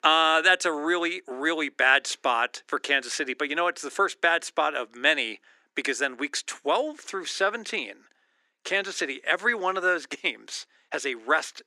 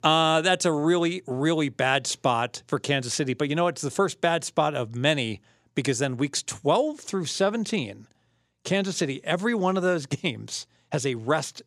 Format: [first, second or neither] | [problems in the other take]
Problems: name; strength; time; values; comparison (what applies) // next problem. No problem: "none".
second | thin; somewhat; fading below 300 Hz